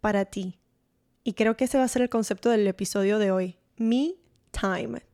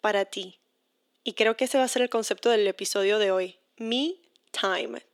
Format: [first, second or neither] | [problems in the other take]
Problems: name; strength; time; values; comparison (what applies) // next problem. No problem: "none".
first | thin; somewhat; fading below 300 Hz